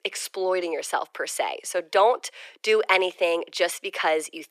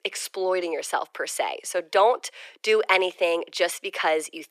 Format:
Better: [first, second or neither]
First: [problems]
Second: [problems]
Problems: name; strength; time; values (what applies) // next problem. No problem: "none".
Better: neither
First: thin; very; fading below 400 Hz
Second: thin; very; fading below 400 Hz